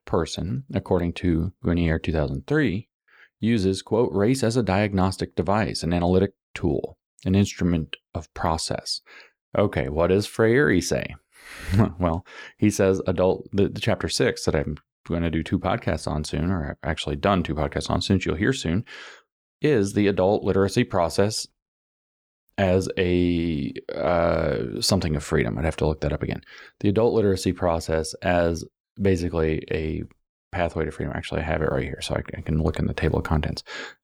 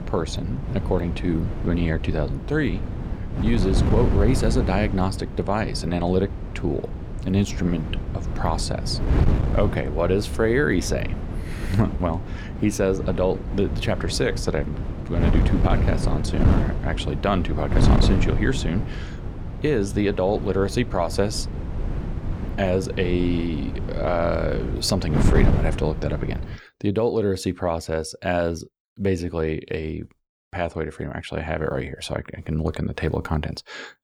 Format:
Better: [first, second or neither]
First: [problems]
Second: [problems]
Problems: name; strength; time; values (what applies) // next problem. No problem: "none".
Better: first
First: none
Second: wind noise on the microphone; heavy; until 27 s; 8 dB below the speech